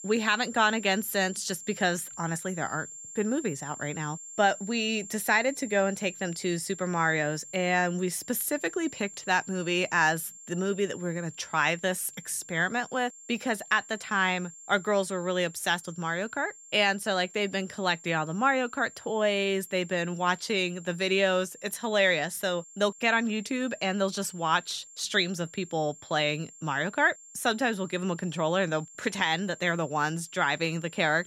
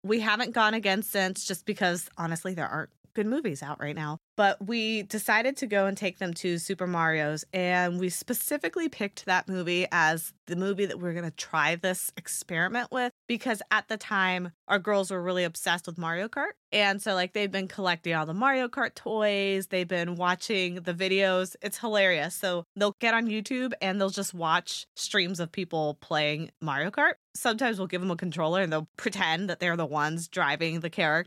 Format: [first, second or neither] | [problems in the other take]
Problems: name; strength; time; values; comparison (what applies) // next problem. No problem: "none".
second | high-pitched whine; noticeable; throughout; 7.5 kHz, 15 dB below the speech